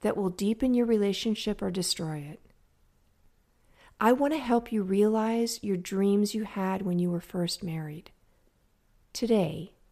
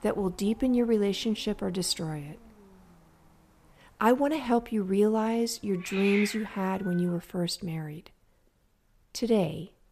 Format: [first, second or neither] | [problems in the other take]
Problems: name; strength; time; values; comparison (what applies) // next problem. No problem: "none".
first | hiss; noticeable; until 7 s; 10 dB below the speech